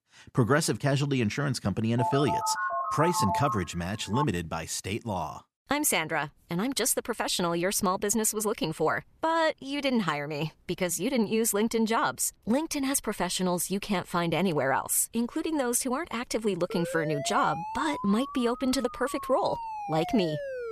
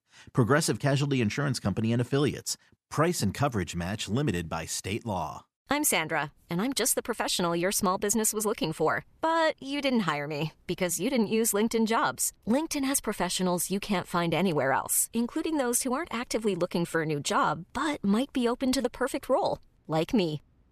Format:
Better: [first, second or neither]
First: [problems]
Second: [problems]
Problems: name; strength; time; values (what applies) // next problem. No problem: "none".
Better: second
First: phone ringing; noticeable; from 2 to 4 s; peak 1 dB below the speech // siren; noticeable; from 17 s on; peak 7 dB below the speech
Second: none